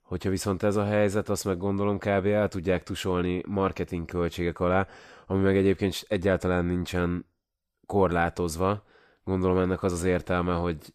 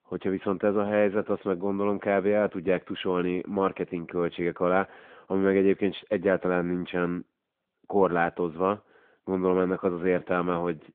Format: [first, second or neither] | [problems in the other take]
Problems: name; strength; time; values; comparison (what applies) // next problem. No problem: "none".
first | phone-call audio